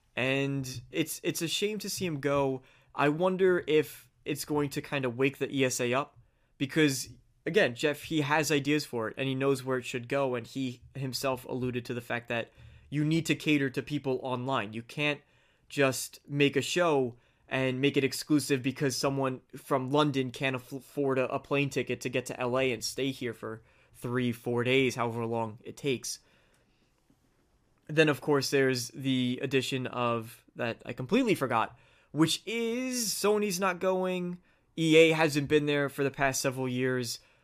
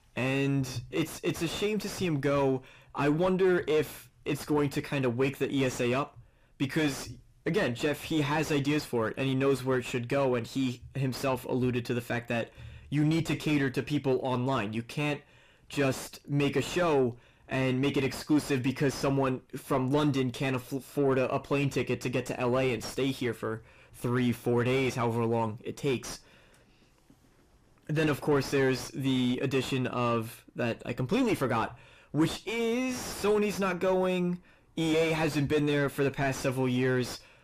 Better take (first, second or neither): first